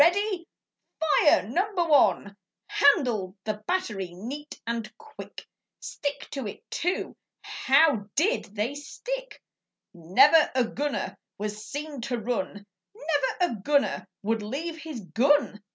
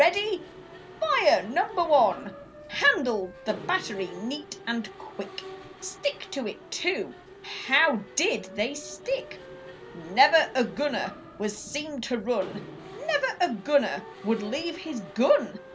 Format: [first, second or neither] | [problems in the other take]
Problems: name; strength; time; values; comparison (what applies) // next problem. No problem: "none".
first | background sound (Wind instrument, woodwind instrument + Mechanisms); 16 dB below the speech